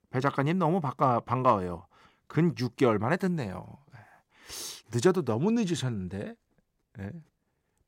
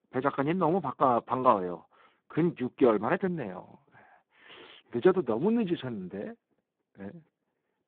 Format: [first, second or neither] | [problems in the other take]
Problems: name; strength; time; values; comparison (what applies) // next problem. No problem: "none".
first | phone-call audio; poor line; nothing above 3.5 kHz